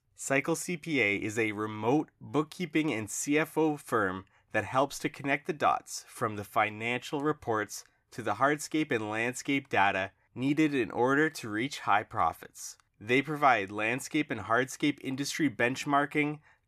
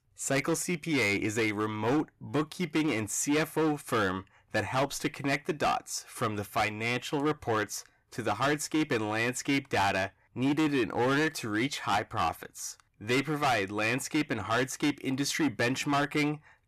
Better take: first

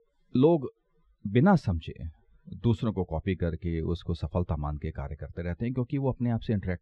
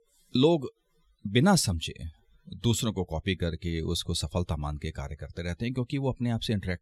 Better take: second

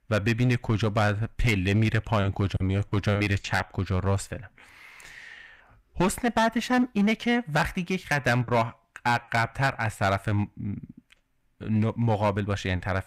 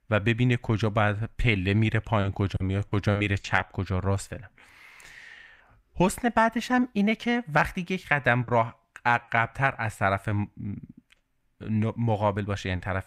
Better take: second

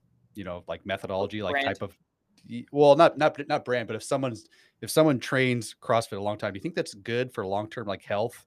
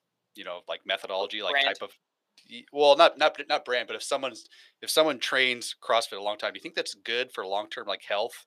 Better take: first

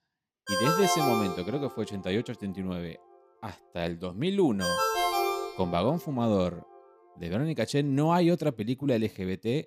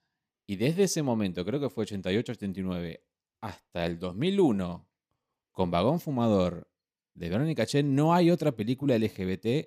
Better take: second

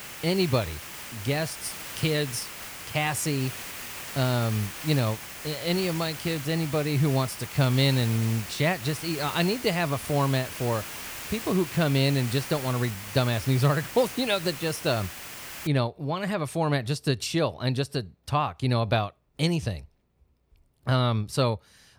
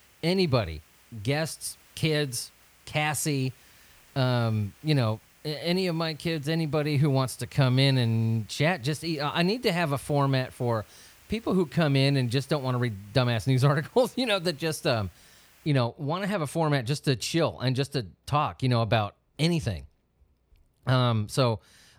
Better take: second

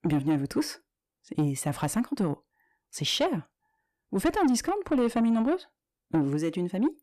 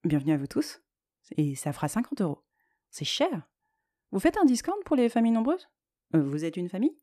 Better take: second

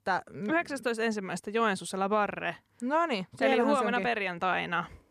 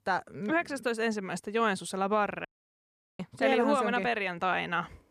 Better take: first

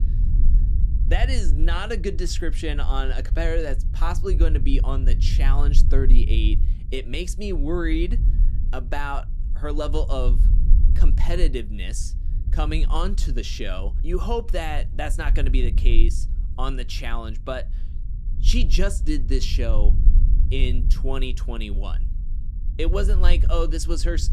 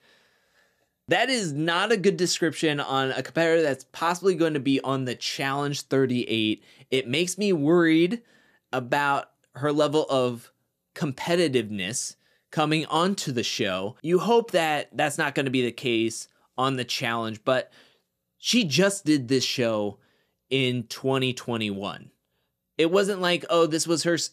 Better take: second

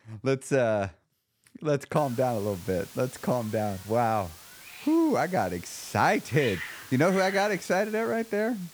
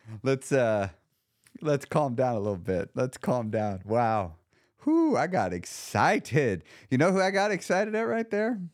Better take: second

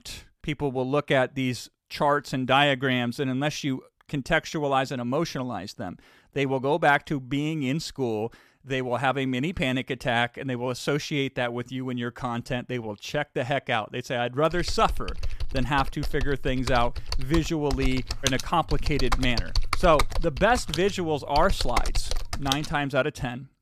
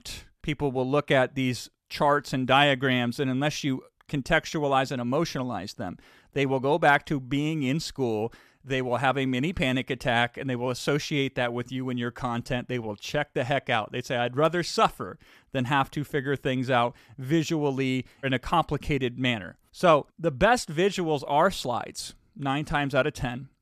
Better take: second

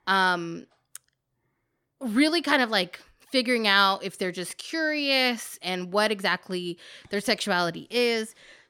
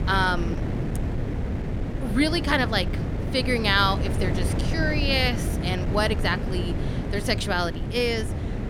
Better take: first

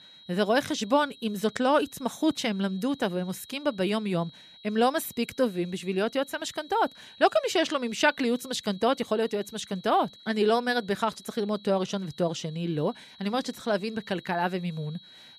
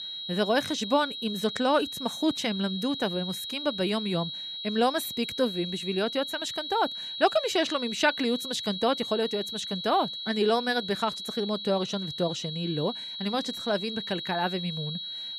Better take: first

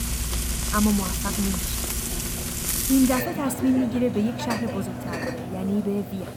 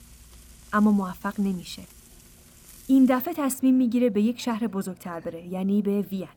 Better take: second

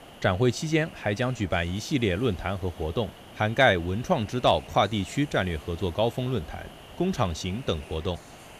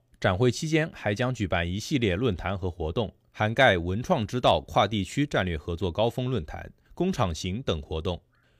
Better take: second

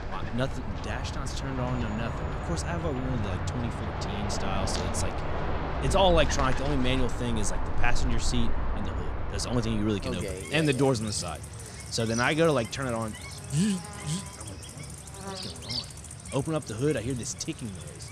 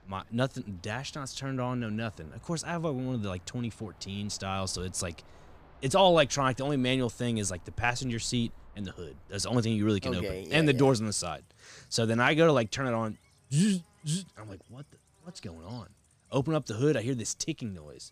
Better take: second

